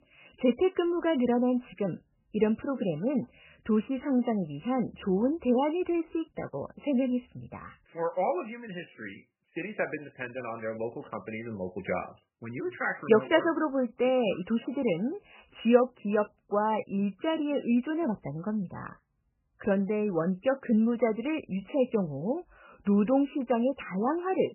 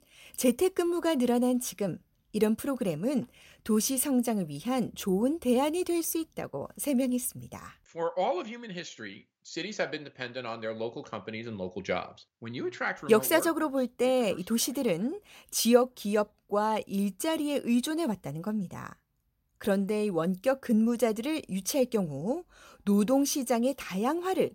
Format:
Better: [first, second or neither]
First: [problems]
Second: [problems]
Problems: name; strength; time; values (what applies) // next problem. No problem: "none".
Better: second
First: garbled, watery; badly; nothing above 3 kHz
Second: none